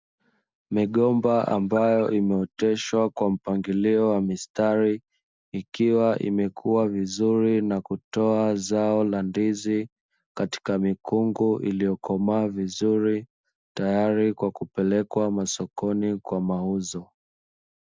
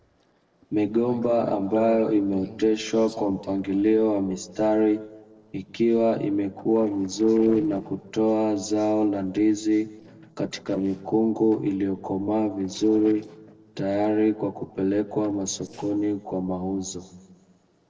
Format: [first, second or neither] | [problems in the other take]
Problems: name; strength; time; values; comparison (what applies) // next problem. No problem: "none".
first | noise reduction (neural separator model SepFormer DNS4)